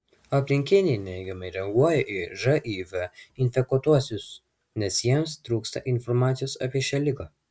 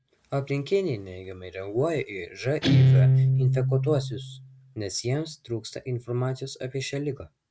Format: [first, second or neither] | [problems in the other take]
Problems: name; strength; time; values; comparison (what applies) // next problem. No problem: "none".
first | background sound (Guitar); 3 dB above the speech